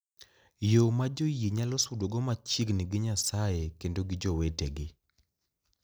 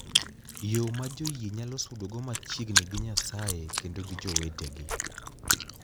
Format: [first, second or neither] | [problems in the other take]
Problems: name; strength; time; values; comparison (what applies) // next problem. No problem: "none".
first | background sound (Chewing, mastication); 2 dB above the speech